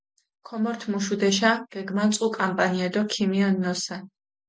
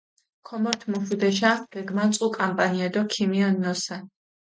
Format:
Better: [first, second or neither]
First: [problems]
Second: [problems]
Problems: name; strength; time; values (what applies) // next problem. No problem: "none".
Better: first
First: none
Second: noise reduction (neural mask model RNNoise)